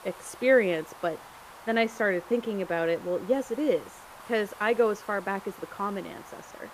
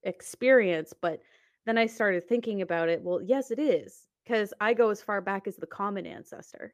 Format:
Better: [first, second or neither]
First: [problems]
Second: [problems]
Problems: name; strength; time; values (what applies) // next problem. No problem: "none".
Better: second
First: hiss; noticeable; throughout; 20 dB below the speech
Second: none